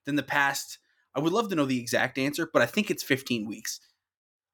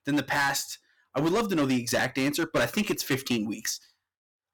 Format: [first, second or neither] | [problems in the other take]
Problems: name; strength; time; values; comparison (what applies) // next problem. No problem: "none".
first | distortion; heavy; 10% of the sound clipped